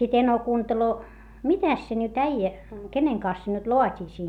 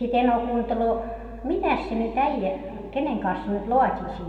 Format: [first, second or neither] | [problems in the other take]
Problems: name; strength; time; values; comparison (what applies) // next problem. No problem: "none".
first | room echo; dies away in 2.1 s